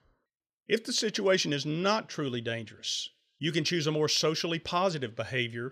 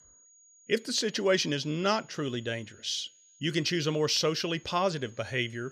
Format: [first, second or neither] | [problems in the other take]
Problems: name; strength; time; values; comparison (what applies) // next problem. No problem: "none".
first | high-pitched whine; faint; throughout; 6.5 kHz, 25 dB below the speech